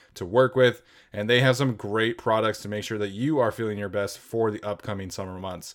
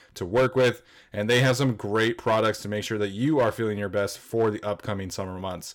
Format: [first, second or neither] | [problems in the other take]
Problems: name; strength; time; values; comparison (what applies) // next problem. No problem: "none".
first | distortion; slight; 4% of the sound clipped